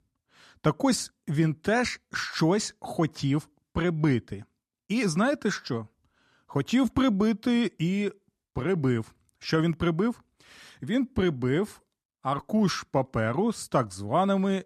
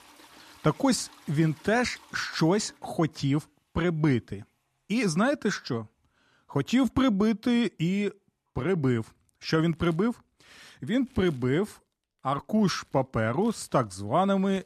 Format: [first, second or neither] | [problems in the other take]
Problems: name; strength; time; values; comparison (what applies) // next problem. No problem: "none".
first | household noises; faint; throughout; 25 dB below the speech